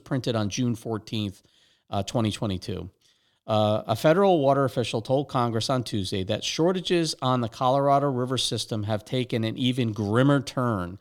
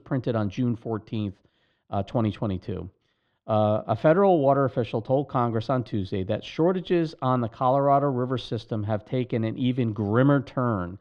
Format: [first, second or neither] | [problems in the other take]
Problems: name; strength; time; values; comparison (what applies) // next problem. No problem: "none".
first | muffled; very; fading above 2 kHz